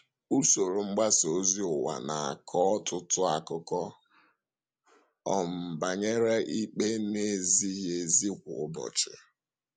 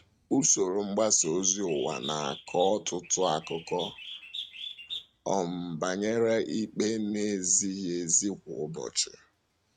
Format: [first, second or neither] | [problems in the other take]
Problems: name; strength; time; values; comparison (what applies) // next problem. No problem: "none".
first | noise reduction (neural mask model RNNoise)